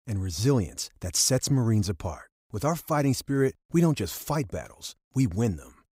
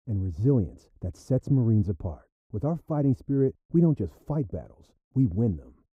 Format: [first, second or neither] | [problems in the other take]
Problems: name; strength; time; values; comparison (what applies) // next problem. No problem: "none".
first | muffled; very; fading above 1 kHz